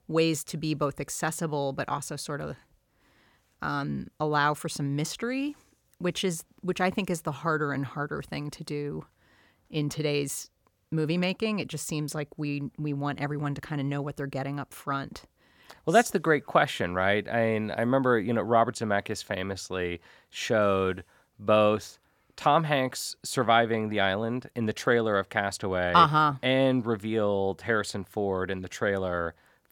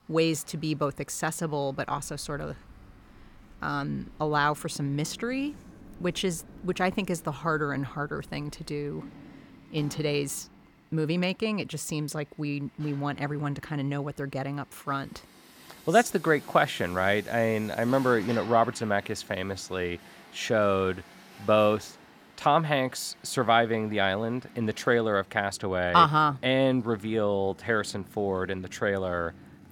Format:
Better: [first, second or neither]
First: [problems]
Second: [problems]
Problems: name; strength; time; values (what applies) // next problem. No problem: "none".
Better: first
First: none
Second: traffic noise; faint; throughout; 20 dB below the speech